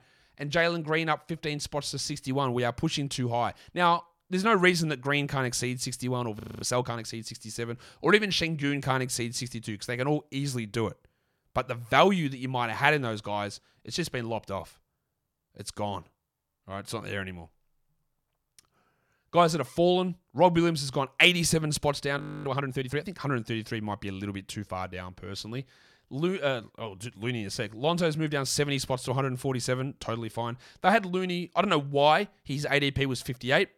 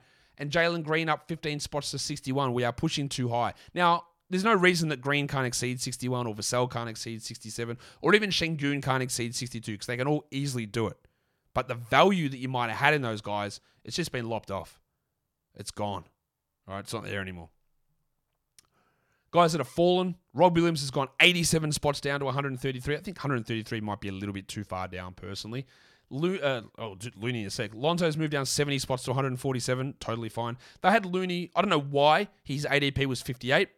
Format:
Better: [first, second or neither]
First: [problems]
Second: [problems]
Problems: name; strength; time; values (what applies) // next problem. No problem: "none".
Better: second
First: audio freezing; at 6.5 s and at 22 s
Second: none